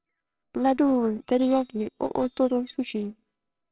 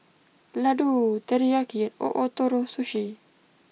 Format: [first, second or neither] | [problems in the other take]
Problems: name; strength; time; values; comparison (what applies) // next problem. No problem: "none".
second | noise reduction (neural separator model SepFormer WHAMR!)